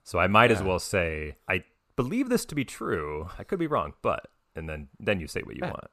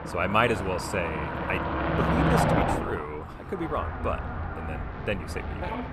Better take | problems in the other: first | traffic noise; very loud; throughout; 1 dB above the speech

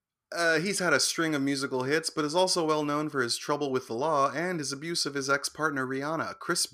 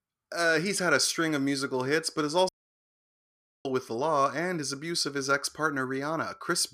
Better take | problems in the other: first | audio cutting out; at 2.5 s for 1 s

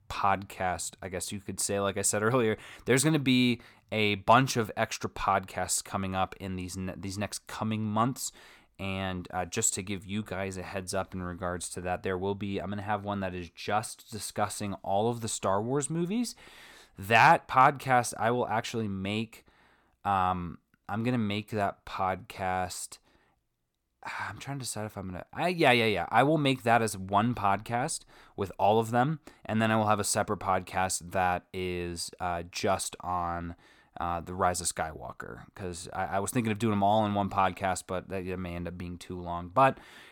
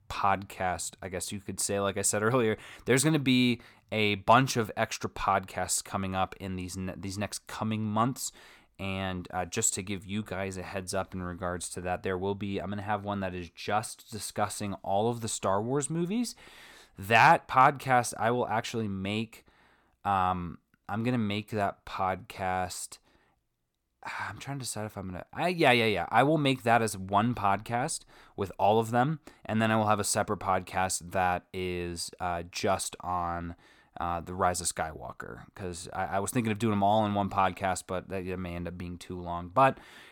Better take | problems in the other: neither | none

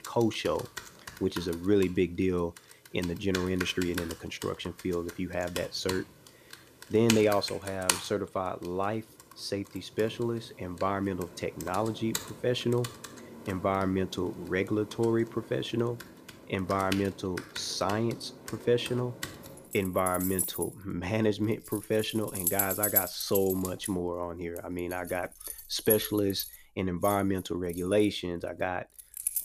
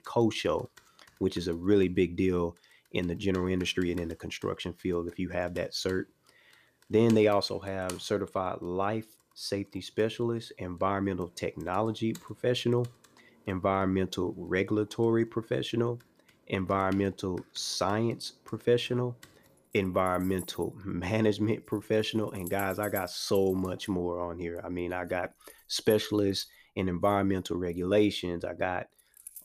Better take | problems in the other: second | household noises; loud; throughout; 5 dB below the speech; faint in the second

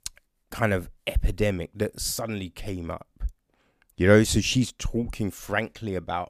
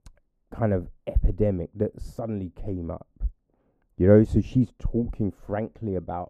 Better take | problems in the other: first | muffled; very; fading above 1.5 kHz

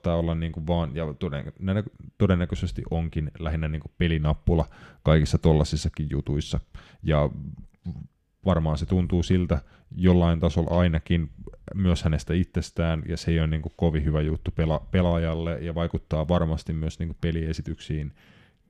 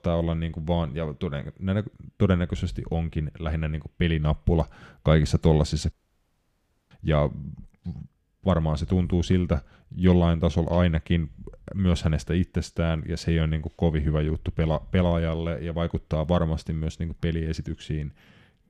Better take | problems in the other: first | audio cutting out; at 6 s for 1 s

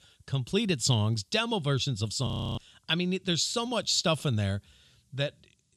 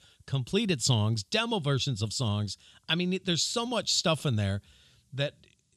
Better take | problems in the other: second | audio freezing; at 2.5 s

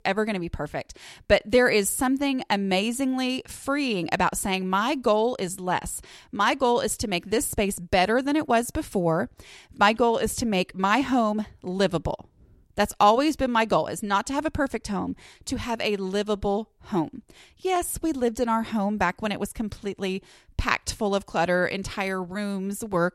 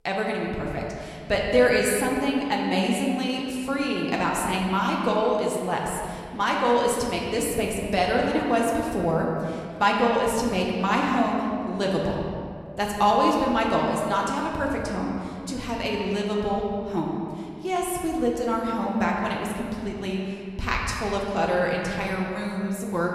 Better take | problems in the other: first | room echo; noticeable; dies away in 1.9 s // off-mic speech; somewhat distant

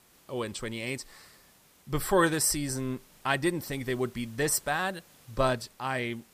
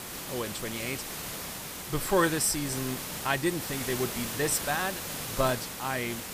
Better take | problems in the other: first | hiss; loud; throughout; 5 dB below the speech; faint in the first

